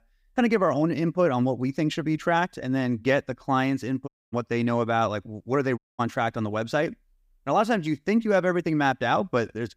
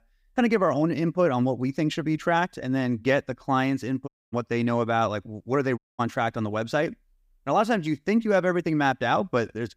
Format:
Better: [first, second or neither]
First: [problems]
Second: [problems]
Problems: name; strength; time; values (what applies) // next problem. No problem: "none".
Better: neither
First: audio cutting out; at 4 s and at 6 s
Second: audio cutting out; at 4 s and at 6 s